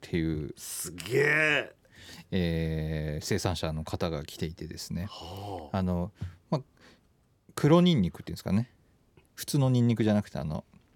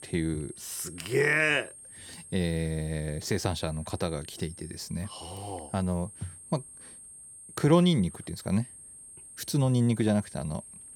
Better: first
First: none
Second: high-pitched whine; noticeable; throughout; 8.5 kHz, 15 dB below the speech

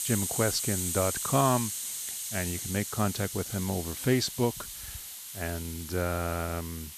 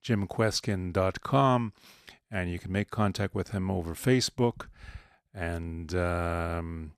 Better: second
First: hiss; loud; throughout; 3 dB below the speech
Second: none

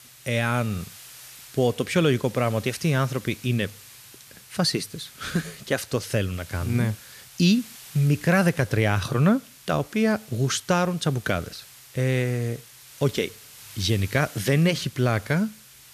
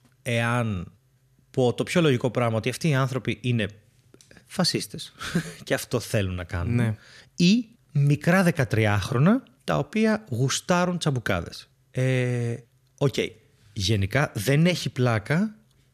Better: second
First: hiss; noticeable; throughout; 20 dB below the speech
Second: none

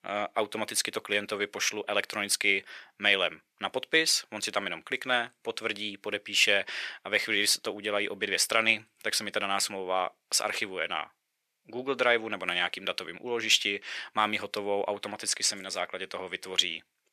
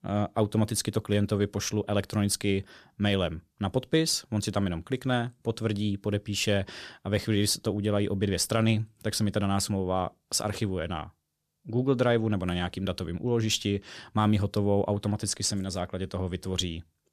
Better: second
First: thin; very; fading below 500 Hz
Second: none

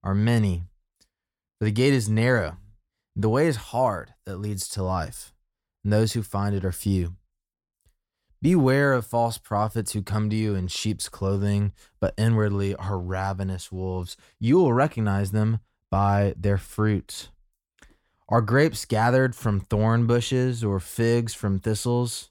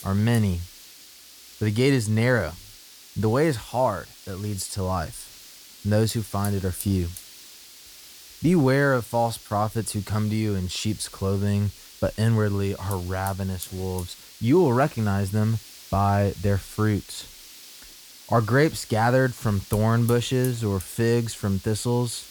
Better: first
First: none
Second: hiss; noticeable; throughout; 15 dB below the speech

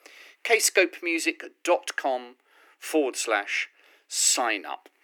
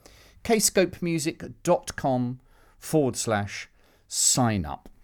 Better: second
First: thin; very; fading below 300 Hz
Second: none

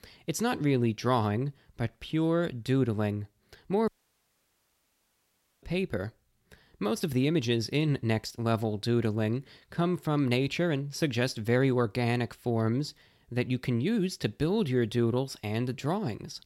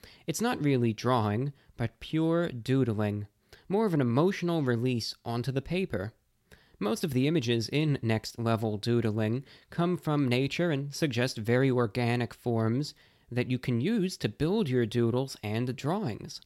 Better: second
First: audio cutting out; at 4 s for 1.5 s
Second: none

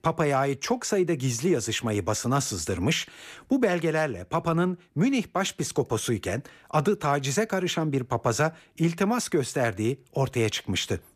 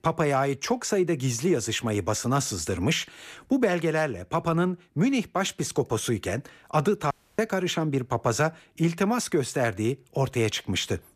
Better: first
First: none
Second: audio cutting out; at 7 s

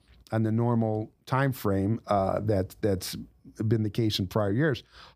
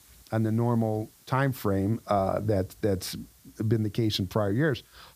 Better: first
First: none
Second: hiss; faint; throughout; 30 dB below the speech

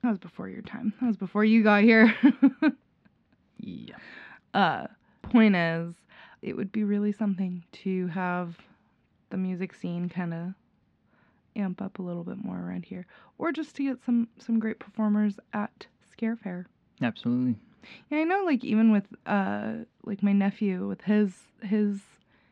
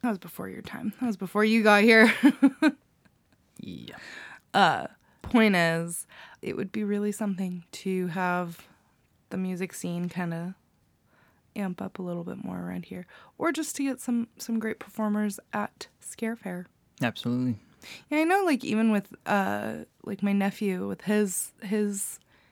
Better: second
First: muffled; very slightly; fading above 3.5 kHz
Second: none

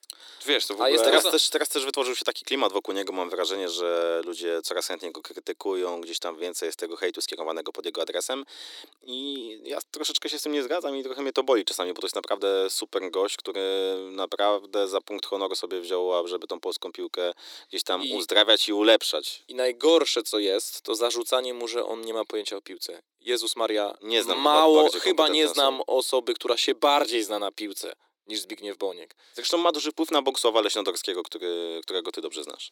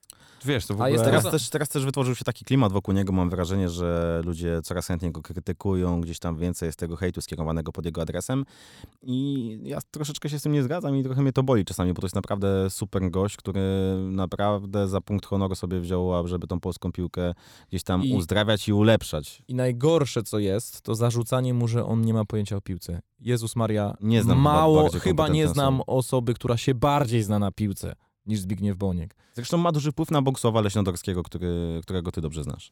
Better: second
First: thin; very; fading below 300 Hz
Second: none

